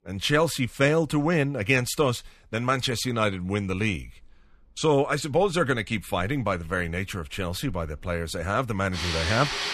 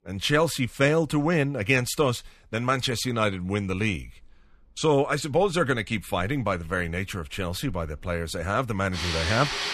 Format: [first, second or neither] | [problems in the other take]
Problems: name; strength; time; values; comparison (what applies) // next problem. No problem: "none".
neither | machinery noise; very faint; throughout; 3 dB below the speech; the same in both